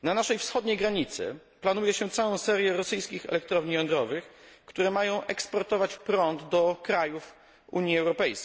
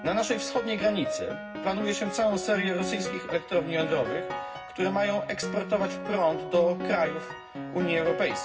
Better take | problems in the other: first | background sound (Piano); 6 dB below the speech // room echo; dies away in 0.4 s

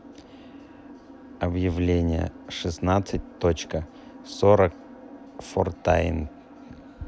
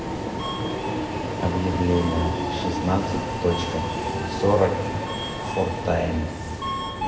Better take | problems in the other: first | background sound (Subway, metro, underground); 2 dB below the speech // room echo; dies away in 1.2 s

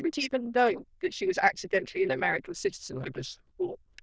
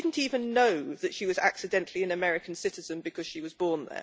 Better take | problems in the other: second | noise reduction (neural diffusion model UNIVERSE++)

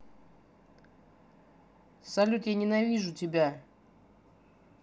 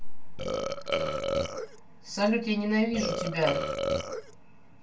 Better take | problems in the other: first | background sound (Burping, eructation); 1 dB below the speech // room echo; dies away in 0.2 s

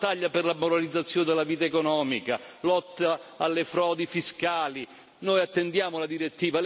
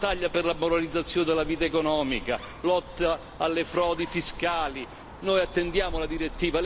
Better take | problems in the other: first | background sound (Dog); 12 dB below the speech

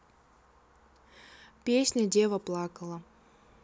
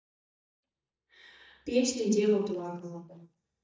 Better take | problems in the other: first | noise reduction (neural mask model DeepFilterNet 3)

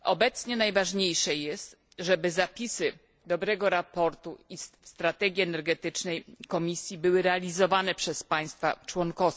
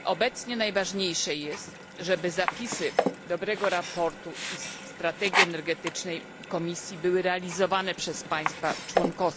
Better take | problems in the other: first | background sound (Sink (filling or washing)); 4 dB below the speech

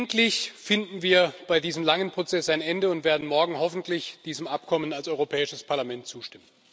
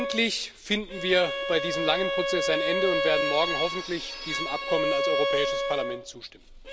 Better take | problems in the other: first | background sound (Bowed string instrument); as loud as the speech

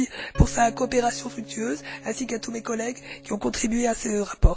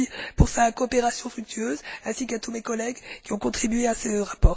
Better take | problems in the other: second | background sound (Organ); 18 dB below the speech

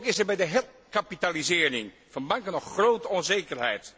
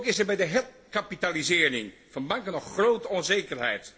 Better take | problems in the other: first | room echo; dies away in 0.5 s

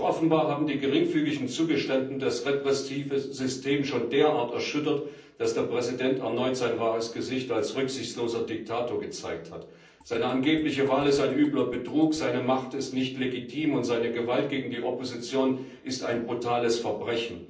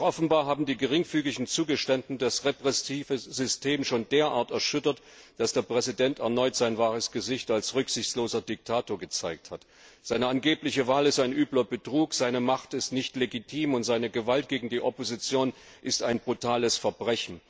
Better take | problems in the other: second | noise reduction (neural separator model SepFormer DNS4)

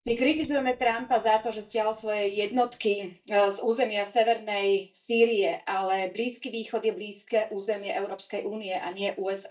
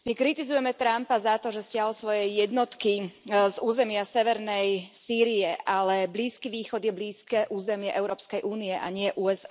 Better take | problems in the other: second | noise reduction (neural mask model DeepFilterNet 3)

